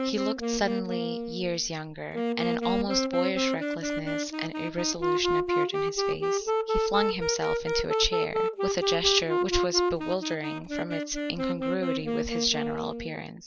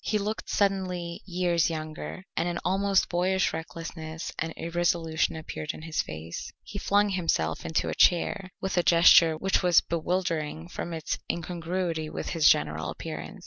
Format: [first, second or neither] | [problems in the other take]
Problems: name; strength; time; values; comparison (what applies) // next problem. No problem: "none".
second | background sound (Wind instrument, woodwind instrument); 3 dB above the speech